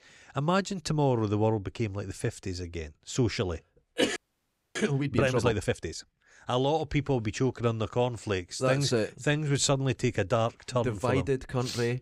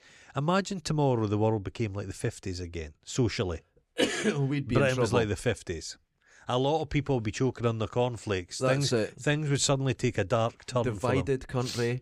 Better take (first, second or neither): second